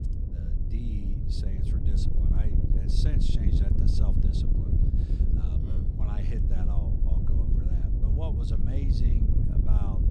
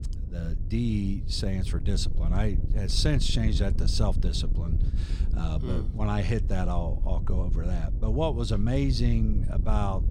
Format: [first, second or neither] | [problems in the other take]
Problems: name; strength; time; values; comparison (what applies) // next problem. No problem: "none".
second | wind noise on the microphone; heavy; 3 dB above the speech; occasional gusts in the second